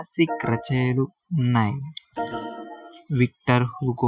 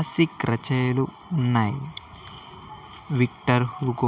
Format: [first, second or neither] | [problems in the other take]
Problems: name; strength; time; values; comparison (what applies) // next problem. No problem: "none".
second | noise reduction (classical method Wiener filter)